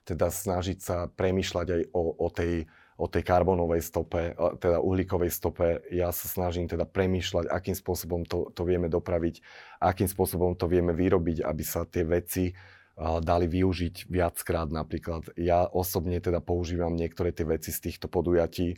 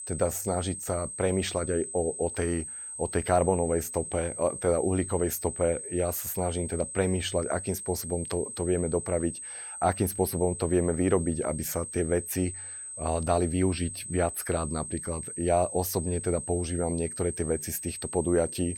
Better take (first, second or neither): first